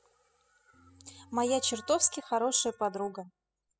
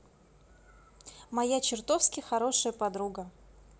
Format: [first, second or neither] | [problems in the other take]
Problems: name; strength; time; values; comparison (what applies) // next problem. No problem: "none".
second | noise reduction (classical method spectral subtraction)